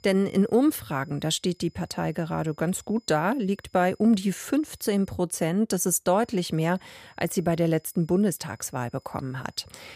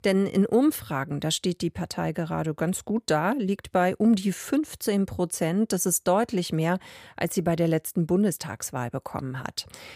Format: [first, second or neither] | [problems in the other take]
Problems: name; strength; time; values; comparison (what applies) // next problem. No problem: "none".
second | high-pitched whine; faint; until 5 s and from 6 s on; 5 kHz, 35 dB below the speech